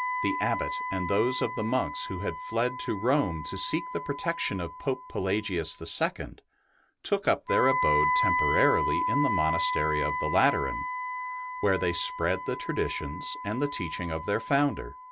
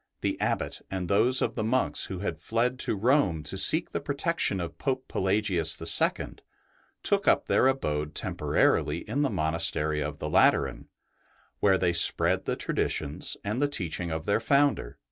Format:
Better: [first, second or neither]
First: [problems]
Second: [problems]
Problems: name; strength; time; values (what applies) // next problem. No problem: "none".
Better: second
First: background sound (Wind instrument, woodwind instrument); 3 dB below the speech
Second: none